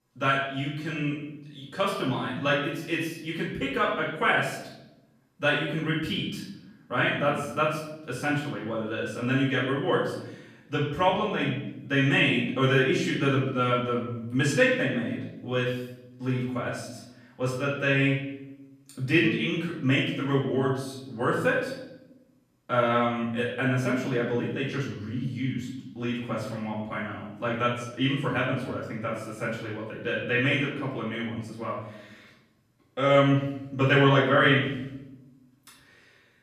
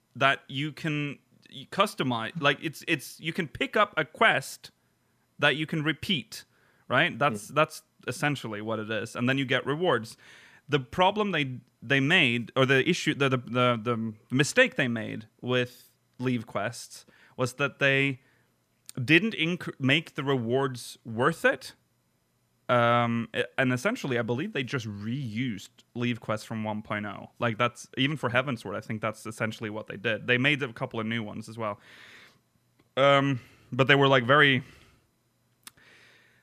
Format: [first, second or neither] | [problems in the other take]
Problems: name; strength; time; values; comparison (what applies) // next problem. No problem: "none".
second | off-mic speech; far // room echo; noticeable; dies away in 0.8 s